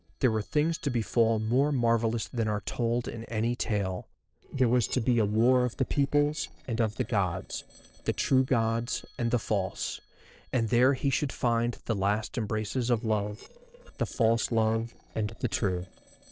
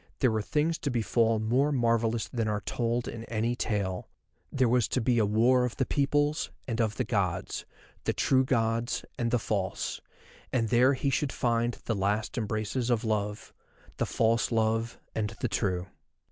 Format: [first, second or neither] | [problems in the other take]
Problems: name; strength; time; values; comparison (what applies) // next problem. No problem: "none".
second | noise reduction (neural separator model SepFormer DNS4)